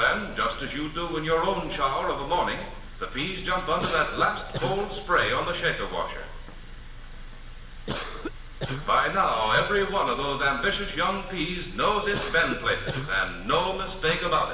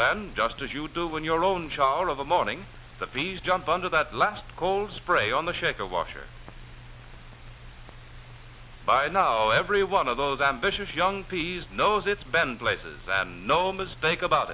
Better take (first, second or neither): second